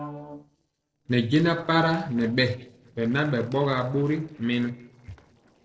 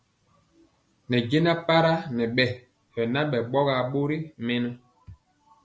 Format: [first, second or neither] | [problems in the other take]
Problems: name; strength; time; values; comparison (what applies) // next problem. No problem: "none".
second | noise reduction (neural separator model SepFormer DNS4)